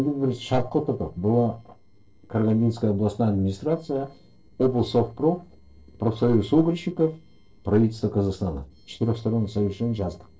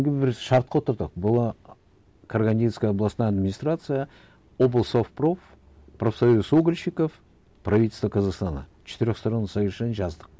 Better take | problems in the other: second | noise reduction (neural separator model SepFormer DNS4)

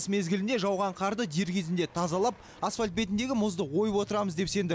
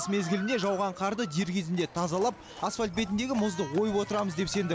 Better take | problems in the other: first | background sound (Livestock, farm animals, working animals); 15 dB below the speech

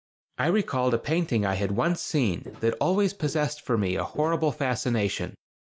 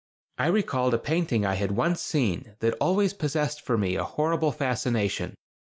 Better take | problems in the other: second | background sound (Walk, footsteps); 17 dB below the speech

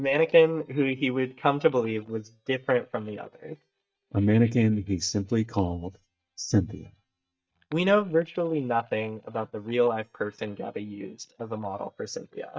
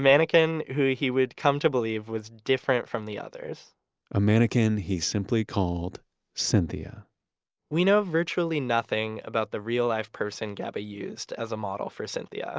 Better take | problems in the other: second | noise reduction (neural mask model DeepFilterNet 3)

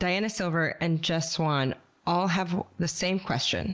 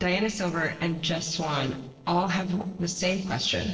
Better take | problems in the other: first | noise reduction (neural separator model SepFormer DNS4)

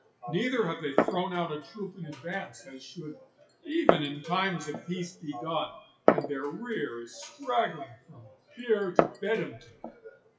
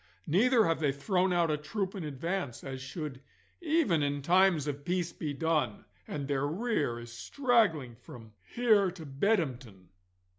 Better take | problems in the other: second | noise reduction (classical method WPE with log-MMSE)

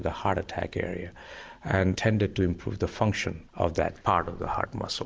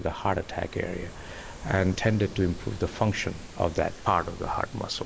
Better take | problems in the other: first | background sound (Ocean); 14 dB below the speech

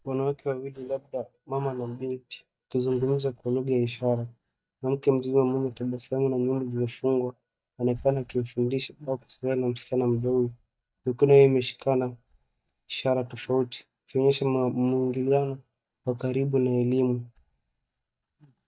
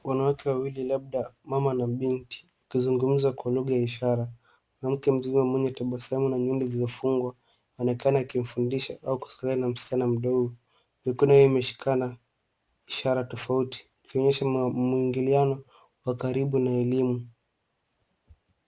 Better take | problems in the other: second | noise reduction (neural mask model DeepFilterNet 3)

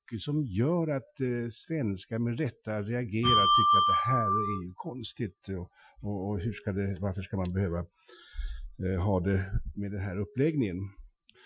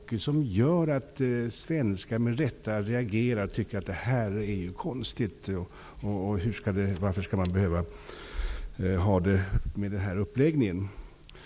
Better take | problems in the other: second | noise reduction (classical method Wiener filter)

